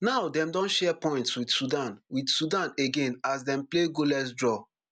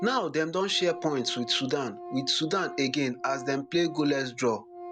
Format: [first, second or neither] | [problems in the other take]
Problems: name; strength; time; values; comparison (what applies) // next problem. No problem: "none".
first | background sound (Organ); 14 dB below the speech